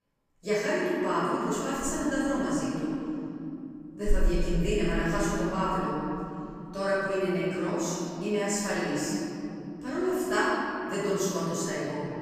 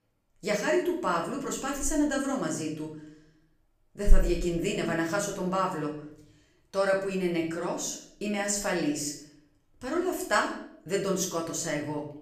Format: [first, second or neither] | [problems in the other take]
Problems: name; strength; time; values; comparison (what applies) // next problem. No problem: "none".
second | room echo; strong; dies away in 3 s; slight in the second // off-mic speech; far; far in the second